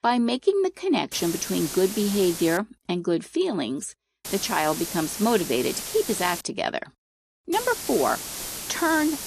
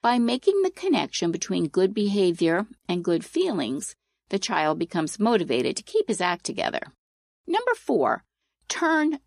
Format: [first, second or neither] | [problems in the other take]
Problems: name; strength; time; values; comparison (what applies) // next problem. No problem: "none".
second | hiss; loud; from 1 to 2.5 s, from 4.5 to 6.5 s and from 7.5 s on; 7 dB below the speech